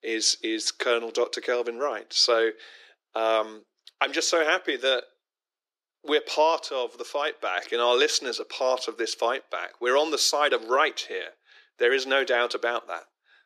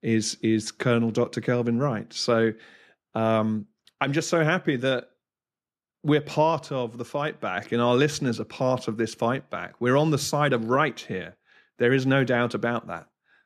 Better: second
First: thin; very; fading below 350 Hz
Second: none

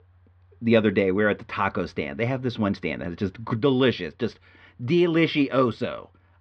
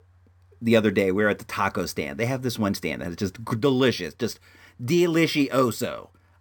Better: second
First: muffled; slightly; fading above 3.5 kHz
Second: none

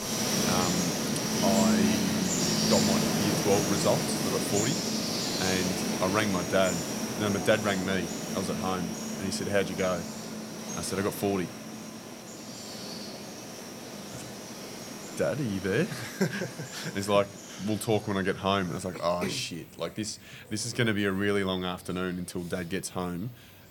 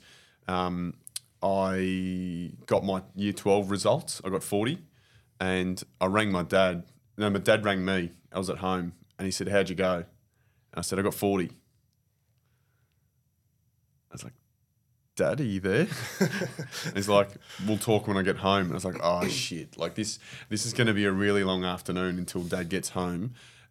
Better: second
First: animal sounds; loud; throughout; as loud as the speech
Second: none

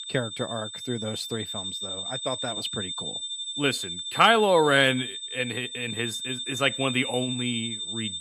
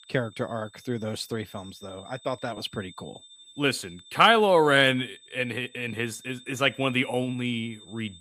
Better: second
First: high-pitched whine; loud; throughout; 3.5 kHz, 6 dB below the speech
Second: high-pitched whine; faint; throughout; 3.5 kHz, 25 dB below the speech

